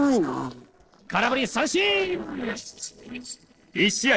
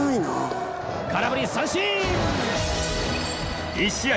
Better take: second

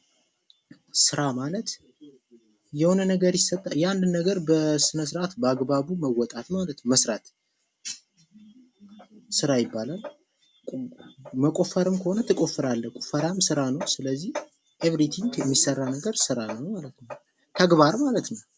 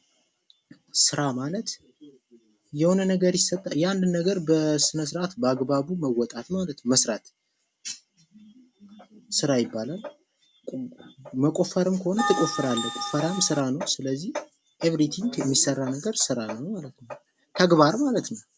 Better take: first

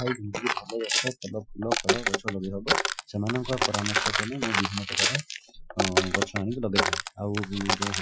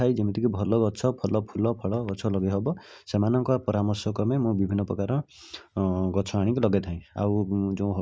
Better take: second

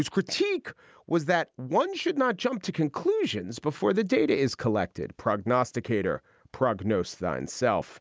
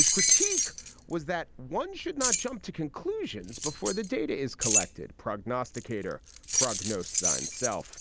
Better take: first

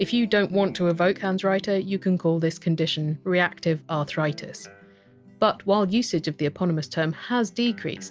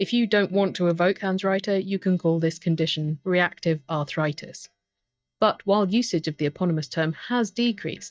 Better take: first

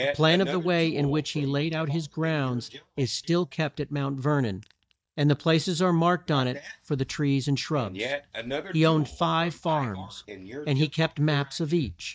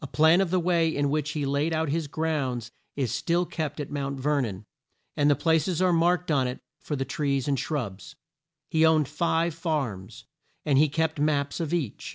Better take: second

